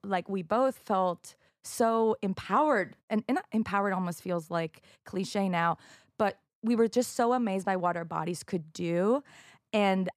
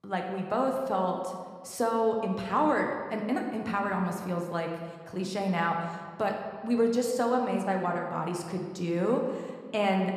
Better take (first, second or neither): first